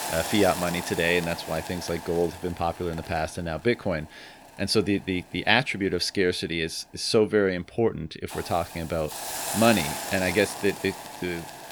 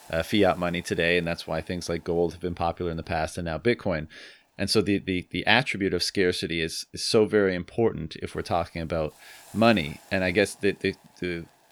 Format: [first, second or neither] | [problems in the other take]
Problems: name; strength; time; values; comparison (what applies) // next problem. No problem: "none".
second | hiss; loud; throughout; 8 dB below the speech; faint in the second